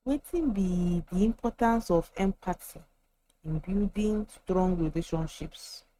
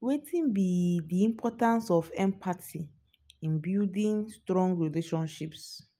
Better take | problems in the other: second | noise reduction (neural mask model RNNoise)

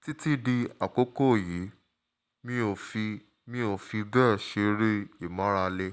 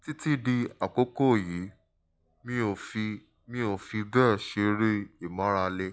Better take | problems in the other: first | noise reduction (classical method log-MMSE)

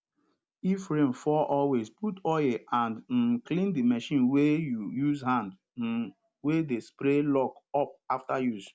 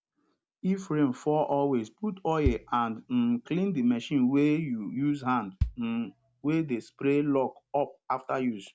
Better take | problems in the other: first | background sound (Bass drum); 10 dB below the speech

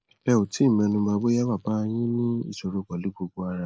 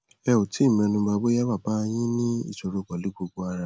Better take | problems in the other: second | noise reduction (neural mask model Resemble Enhance denoiser)

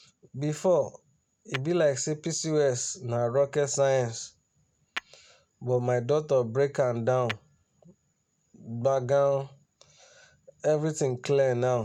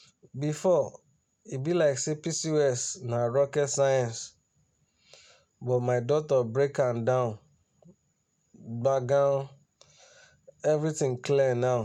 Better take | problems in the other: second | background sound (Tap / Hammer); 18 dB below the speech

